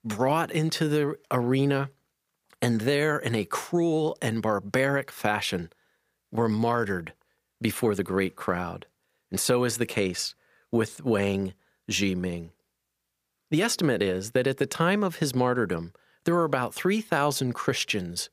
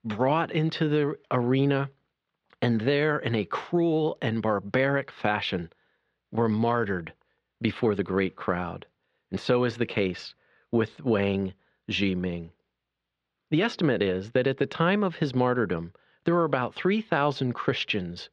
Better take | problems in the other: first | muffled; slightly; fading above 3.5 kHz

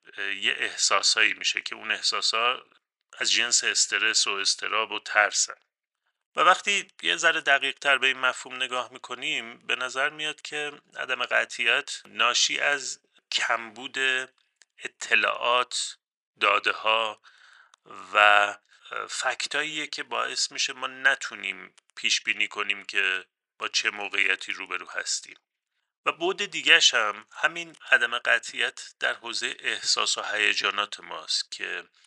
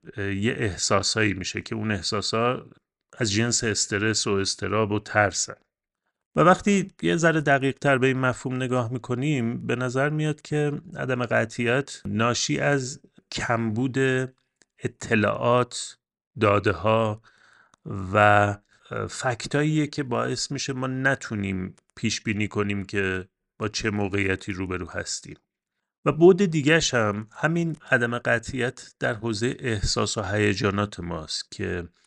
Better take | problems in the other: second | thin; very; fading below 900 Hz

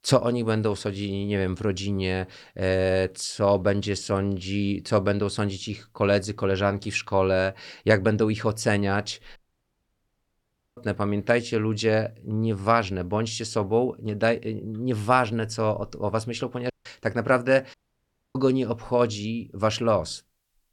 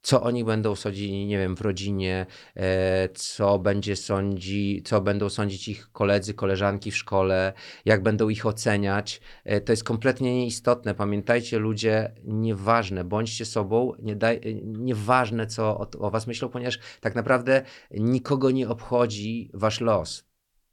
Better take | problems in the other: second | audio cutting out; at 9.5 s for 1.5 s, at 17 s and at 18 s for 0.5 s

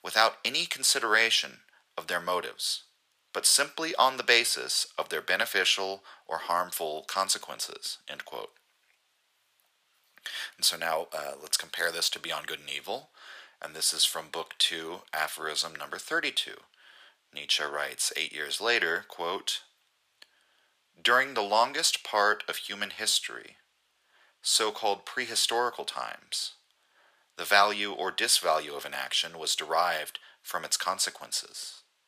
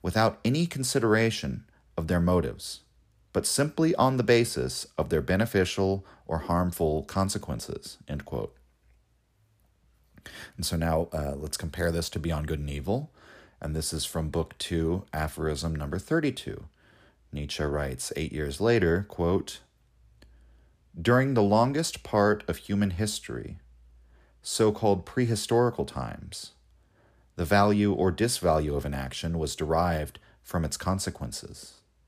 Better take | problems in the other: second | thin; very; fading below 950 Hz

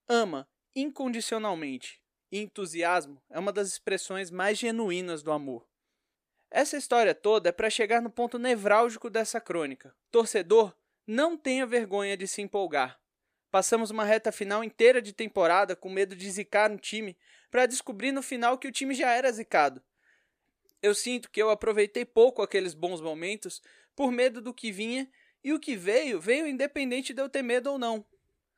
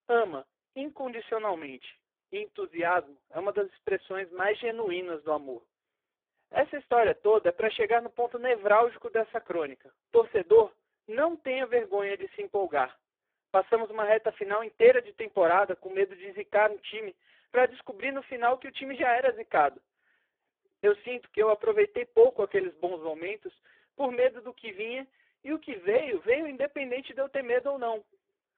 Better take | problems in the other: first | phone-call audio; poor line

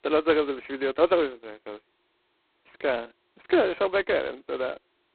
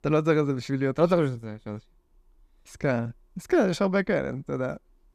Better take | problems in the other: second | phone-call audio; poor line; nothing above 4 kHz

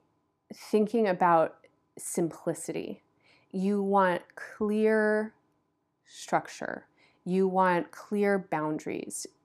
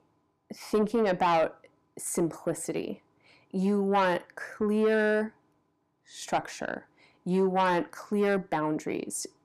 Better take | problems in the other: first | distortion; slight; 10 dB below the speech

